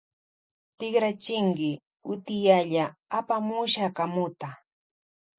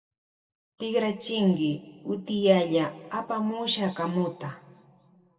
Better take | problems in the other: first | room echo; dies away in 1.2 s

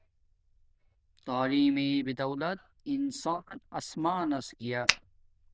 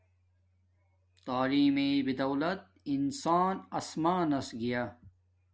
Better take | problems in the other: second | noise reduction (neural diffusion model UNIVERSE++)

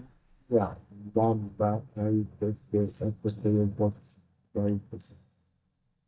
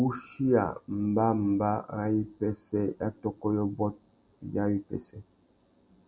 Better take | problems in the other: second | noise reduction (neural mask model DeepFilterNet 3)

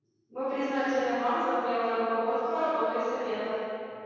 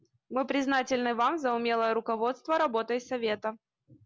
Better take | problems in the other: second | room echo; dies away in 2.2 s

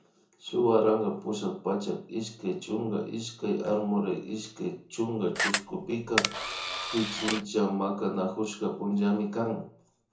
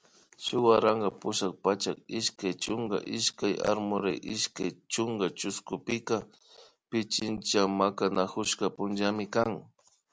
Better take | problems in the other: second | background sound (Camera); 2 dB below the speech // room echo; dies away in 0.6 s

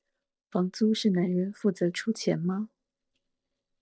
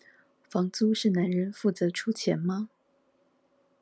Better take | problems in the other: second | noise reduction (neural mask model DeepFilterNet 3)

